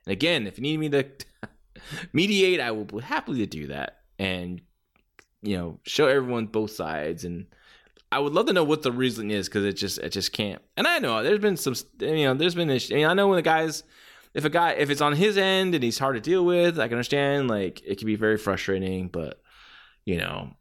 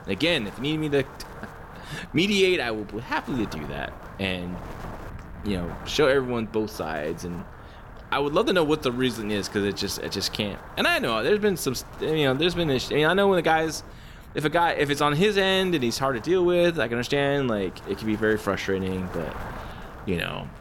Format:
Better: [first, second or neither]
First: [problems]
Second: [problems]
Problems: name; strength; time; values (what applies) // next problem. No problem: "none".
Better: first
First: none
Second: wind noise on the microphone; occasional gusts; 15 dB below the speech